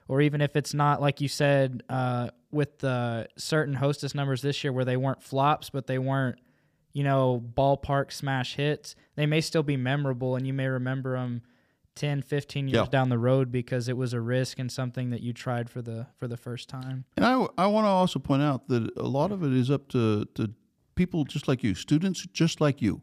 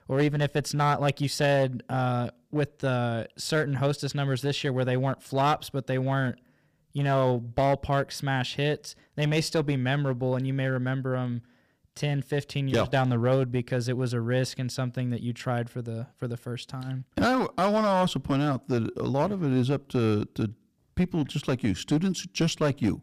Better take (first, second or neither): first